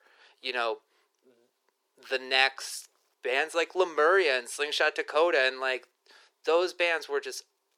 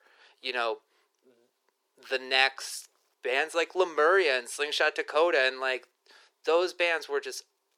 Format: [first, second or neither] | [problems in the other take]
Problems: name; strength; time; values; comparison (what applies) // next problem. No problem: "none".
neither | thin; very; fading below 400 Hz; the same in both